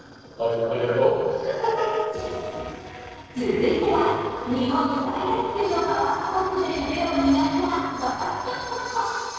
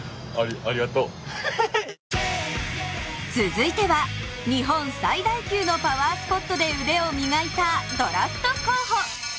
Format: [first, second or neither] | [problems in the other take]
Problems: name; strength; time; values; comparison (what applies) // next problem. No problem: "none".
second | noise reduction (neural separator model SepFormer DNS4)